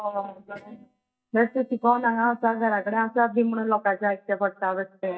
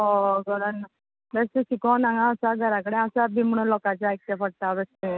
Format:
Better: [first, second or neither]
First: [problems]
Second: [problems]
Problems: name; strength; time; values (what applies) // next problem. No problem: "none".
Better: second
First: noise reduction (neural mask model DeepFilterNet 3)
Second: none